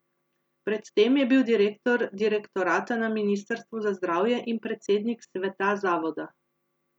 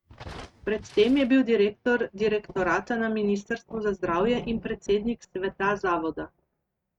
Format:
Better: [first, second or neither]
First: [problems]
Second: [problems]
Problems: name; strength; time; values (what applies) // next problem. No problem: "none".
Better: first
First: none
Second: noise reduction (neural mask model RNNoise)